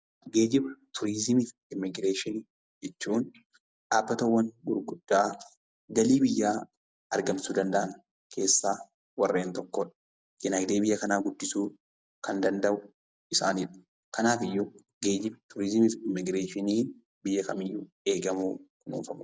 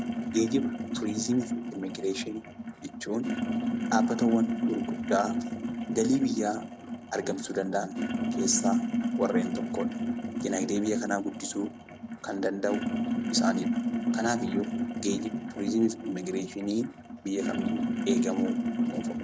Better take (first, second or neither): first